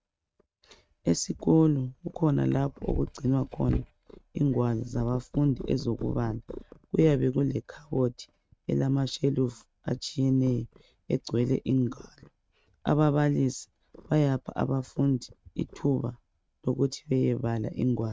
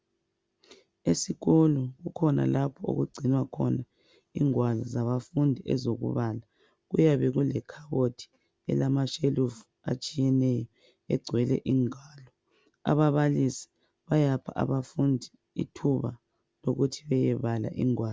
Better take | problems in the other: second | noise reduction (neural mask model RNNoise)

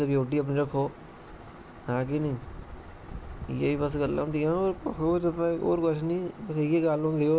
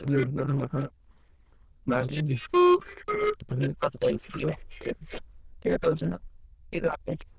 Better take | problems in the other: first | noise reduction (neural diffusion model UNIVERSE++)

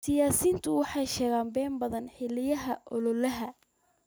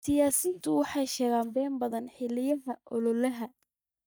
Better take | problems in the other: first | noise reduction (neural mask model DeepFilterNet 3)

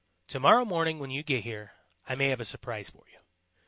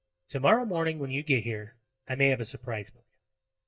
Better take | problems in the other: first | noise reduction (neural mask model DeepFilterNet 3)

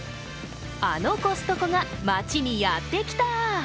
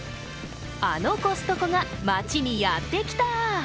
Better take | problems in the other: first | background sound (Gurgling); 19 dB below the speech

